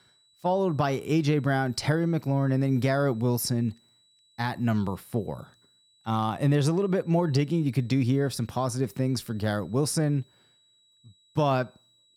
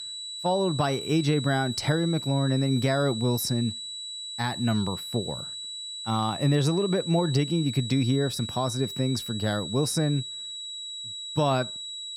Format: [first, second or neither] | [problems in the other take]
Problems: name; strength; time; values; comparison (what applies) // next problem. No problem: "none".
first | high-pitched whine; loud; throughout; 4 kHz, 7 dB below the speech; faint in the first